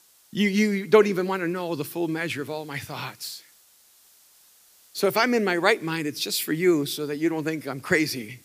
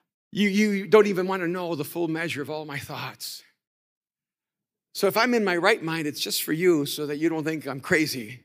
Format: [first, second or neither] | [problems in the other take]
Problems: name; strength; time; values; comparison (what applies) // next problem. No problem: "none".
second | hiss; faint; throughout; 30 dB below the speech